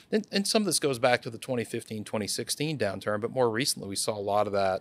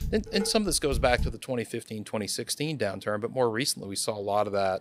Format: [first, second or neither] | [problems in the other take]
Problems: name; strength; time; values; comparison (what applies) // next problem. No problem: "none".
first | clattering dishes; noticeable; until 1.5 s; peak 5 dB below the speech